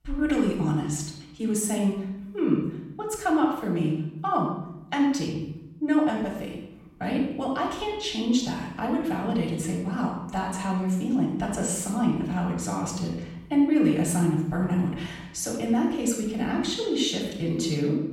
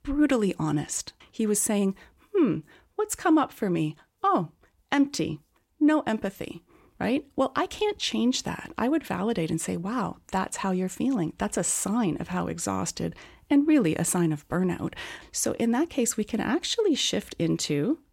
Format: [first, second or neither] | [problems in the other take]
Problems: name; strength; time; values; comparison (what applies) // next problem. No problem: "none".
second | off-mic speech; far // room echo; noticeable; dies away in 0.8 s